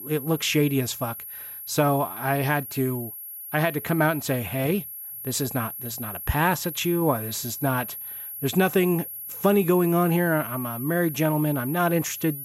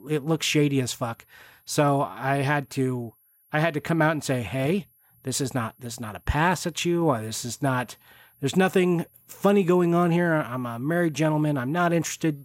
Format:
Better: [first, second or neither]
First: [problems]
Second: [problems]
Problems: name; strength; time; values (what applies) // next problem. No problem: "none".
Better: second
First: high-pitched whine; loud; throughout; 11.5 kHz, 9 dB below the speech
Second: high-pitched whine; faint; throughout; 11.5 kHz, 35 dB below the speech